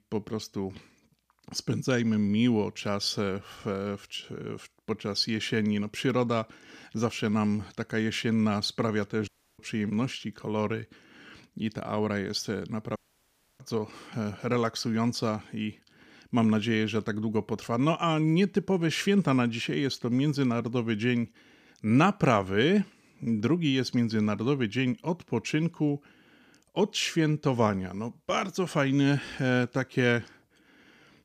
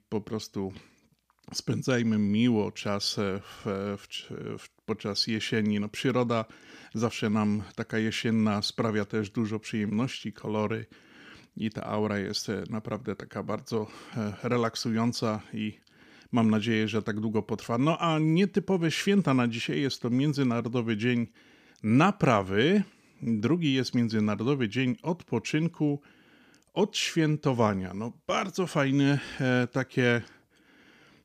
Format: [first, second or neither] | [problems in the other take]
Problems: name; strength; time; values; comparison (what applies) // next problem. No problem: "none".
second | audio cutting out; at 9.5 s and at 13 s for 0.5 s